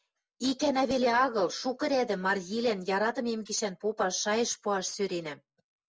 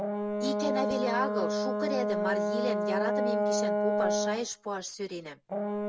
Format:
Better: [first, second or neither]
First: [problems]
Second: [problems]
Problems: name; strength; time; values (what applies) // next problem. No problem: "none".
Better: first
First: none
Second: background sound (Brass instrument); 5 dB above the speech